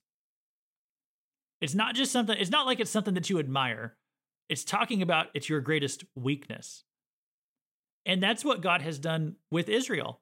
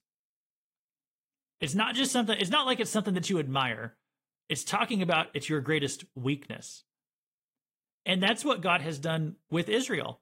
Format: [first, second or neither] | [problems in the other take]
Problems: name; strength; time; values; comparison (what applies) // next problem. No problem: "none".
first | garbled, watery; slightly; nothing above 16 kHz